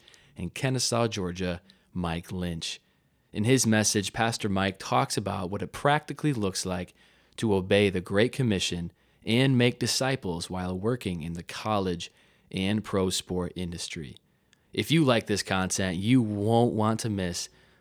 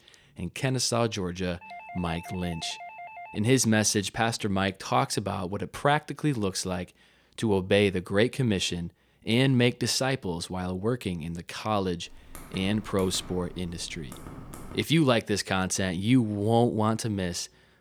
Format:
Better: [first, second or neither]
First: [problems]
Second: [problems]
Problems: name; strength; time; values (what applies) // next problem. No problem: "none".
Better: first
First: none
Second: doorbell; faint; from 1.5 to 3.5 s; peak 15 dB below the speech // keyboard typing; faint; from 12 to 15 s; peak 15 dB below the speech